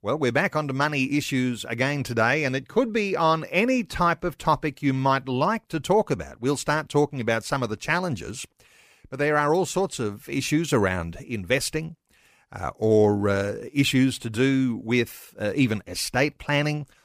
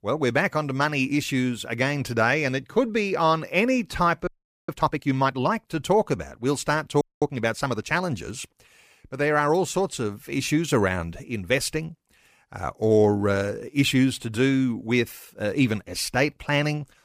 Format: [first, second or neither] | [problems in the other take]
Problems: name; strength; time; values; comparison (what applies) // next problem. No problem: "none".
first | audio freezing; at 4.5 s and at 7 s